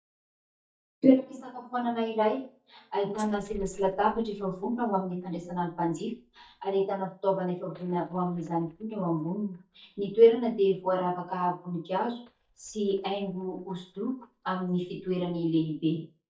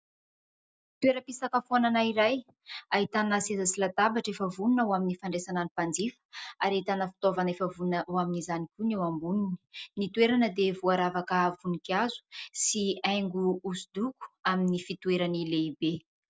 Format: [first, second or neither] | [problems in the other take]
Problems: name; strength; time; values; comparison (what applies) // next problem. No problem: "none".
second | noise reduction (neural mask model DeepFilterNet 3)